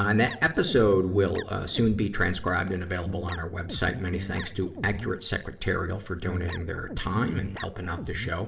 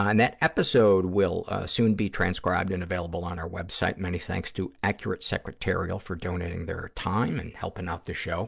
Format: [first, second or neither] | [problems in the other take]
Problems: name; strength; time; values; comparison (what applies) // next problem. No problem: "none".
second | background sound (Guitar); 9 dB below the speech // room echo; dies away in 1.5 s